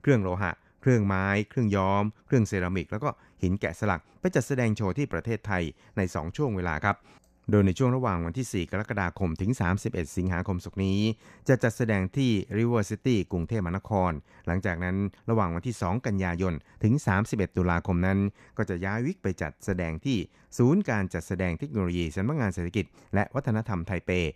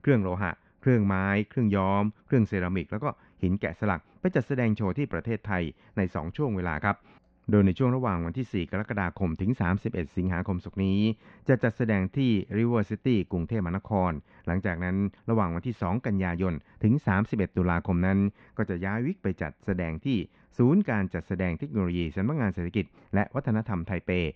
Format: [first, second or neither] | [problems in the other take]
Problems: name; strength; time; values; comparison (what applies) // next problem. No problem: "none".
first | muffled; very; fading above 3.5 kHz